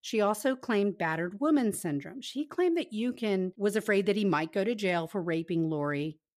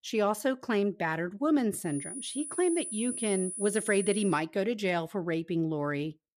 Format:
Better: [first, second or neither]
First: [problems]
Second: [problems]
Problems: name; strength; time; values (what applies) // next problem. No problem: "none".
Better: first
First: none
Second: high-pitched whine; loud; from 2 to 4.5 s; 10 kHz, 6 dB below the speech